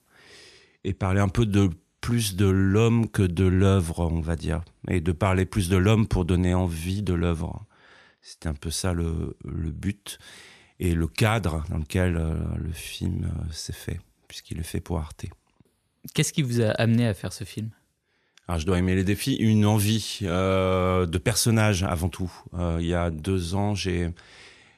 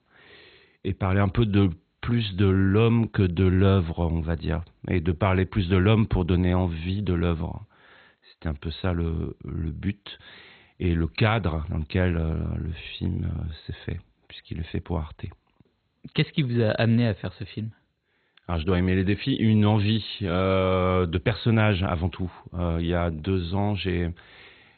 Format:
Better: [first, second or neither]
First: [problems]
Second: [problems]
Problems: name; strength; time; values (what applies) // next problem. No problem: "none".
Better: first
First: none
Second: garbled, watery; badly; nothing above 4 kHz